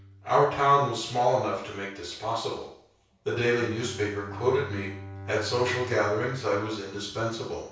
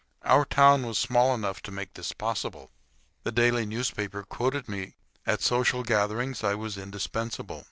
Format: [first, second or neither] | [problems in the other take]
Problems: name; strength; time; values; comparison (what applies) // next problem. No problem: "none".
second | background sound (Bowed string instrument); 17 dB below the speech // room echo; dies away in 0.6 s